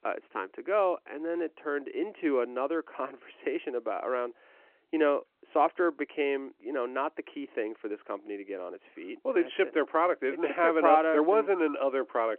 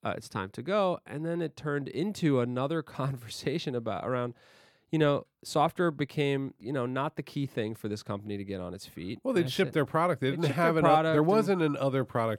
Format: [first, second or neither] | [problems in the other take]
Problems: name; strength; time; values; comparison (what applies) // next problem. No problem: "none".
second | phone-call audio